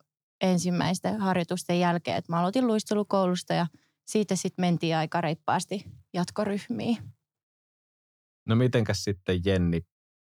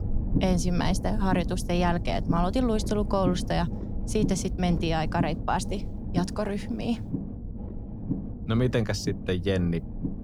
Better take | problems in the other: first | low rumble; noticeable; throughout; 10 dB below the speech

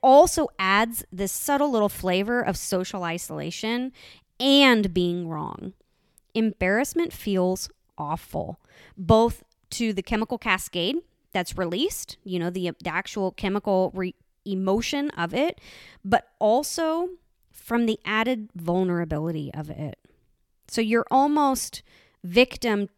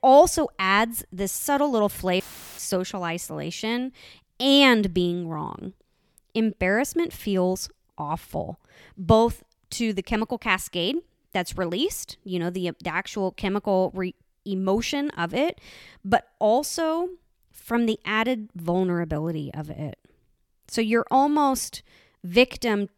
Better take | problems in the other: first | audio cutting out; filled with static; at 2 s

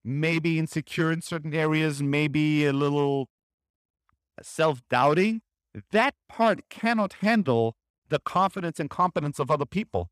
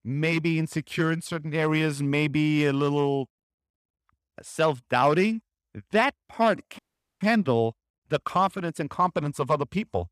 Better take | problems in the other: first | audio cutting out; at 7 s

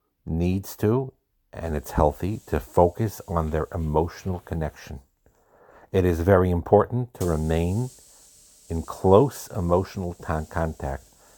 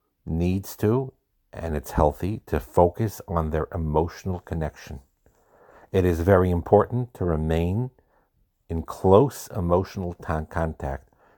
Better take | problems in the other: second | hiss; faint; from 1.5 to 5 s and from 7 s on; 25 dB below the speech

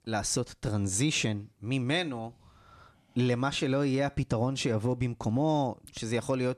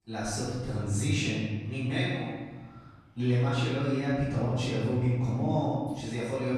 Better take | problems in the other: first | off-mic speech; far // room echo; strong; dies away in 1.3 s

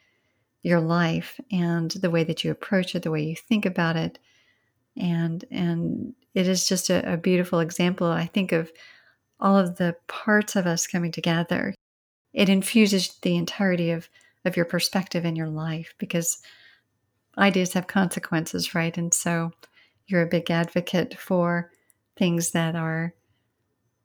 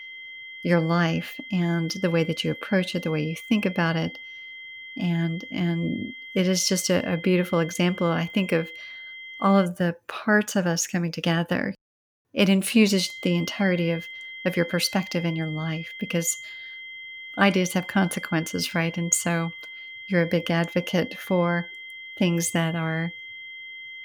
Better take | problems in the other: first | high-pitched whine; noticeable; until 9.5 s and from 13 s on; 2 kHz, 15 dB below the speech

